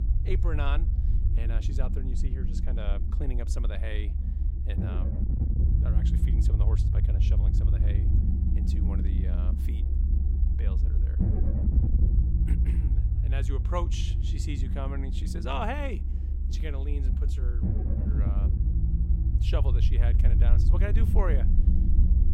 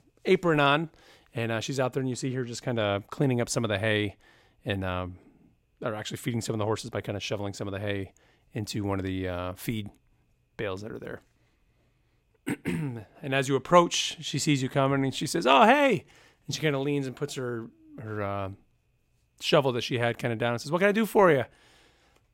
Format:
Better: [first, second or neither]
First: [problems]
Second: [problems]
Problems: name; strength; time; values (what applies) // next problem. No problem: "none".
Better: second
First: low rumble; loud; throughout; 4 dB below the speech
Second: none